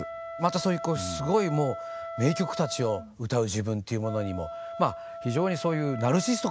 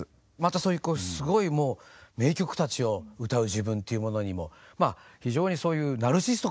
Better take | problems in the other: second | background sound (Wind instrument, woodwind instrument); 10 dB below the speech

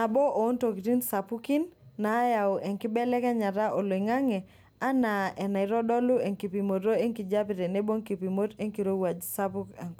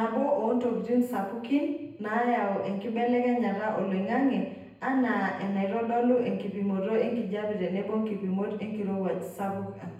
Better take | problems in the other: first | room echo; dies away in 0.9 s

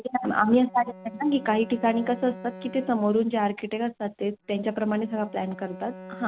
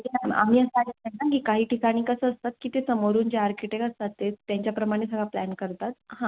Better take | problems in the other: second | background sound (Bowed string instrument); 18 dB below the speech

